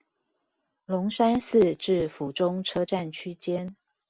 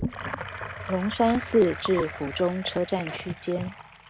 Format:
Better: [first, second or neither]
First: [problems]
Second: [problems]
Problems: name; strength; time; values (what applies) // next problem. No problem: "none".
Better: first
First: none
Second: background sound (Sink (filling or washing) / Gurgling); 9 dB below the speech